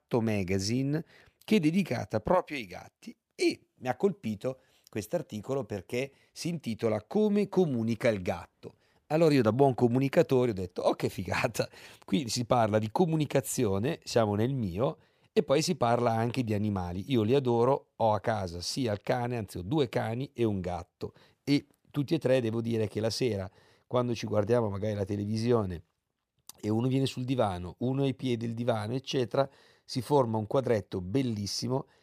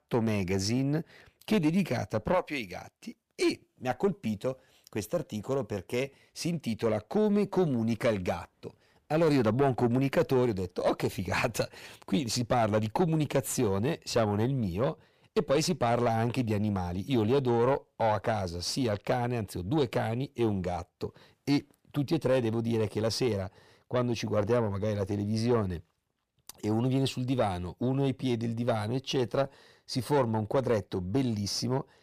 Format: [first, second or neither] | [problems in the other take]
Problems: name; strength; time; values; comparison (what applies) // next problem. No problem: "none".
first | distortion; slight; 10 dB below the speech